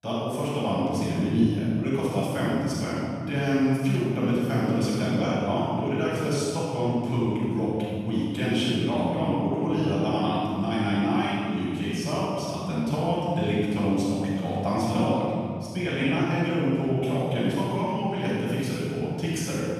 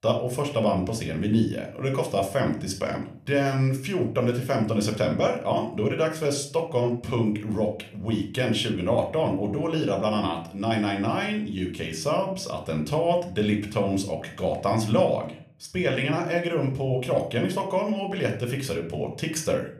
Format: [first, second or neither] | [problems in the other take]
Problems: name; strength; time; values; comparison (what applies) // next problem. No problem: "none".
second | room echo; strong; dies away in 2.8 s; slight in the second // off-mic speech; far